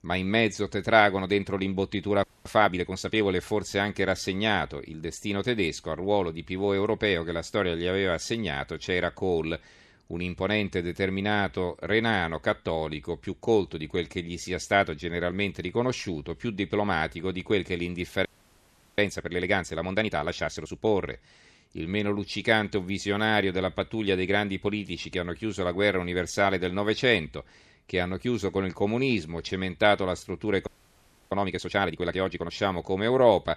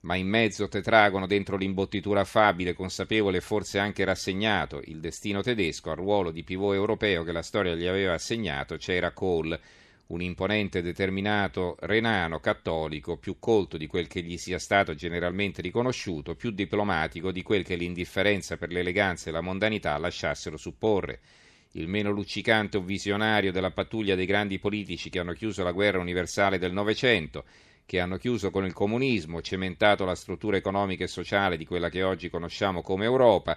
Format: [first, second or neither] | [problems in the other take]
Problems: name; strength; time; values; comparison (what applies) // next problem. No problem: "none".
second | audio freezing; at 2 s, at 18 s for 0.5 s and at 31 s for 0.5 s